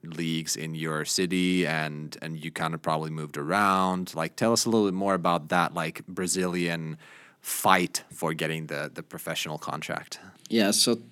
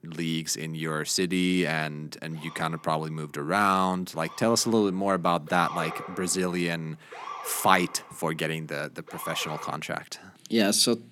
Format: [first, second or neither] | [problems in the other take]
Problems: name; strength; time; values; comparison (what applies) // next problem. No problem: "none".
first | siren; noticeable; from 2.5 to 9.5 s; peak 7 dB below the speech